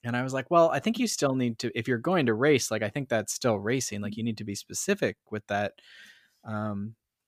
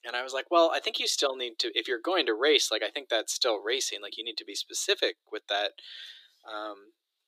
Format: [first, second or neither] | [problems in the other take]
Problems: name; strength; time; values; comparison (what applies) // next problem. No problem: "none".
first | thin; very; fading below 300 Hz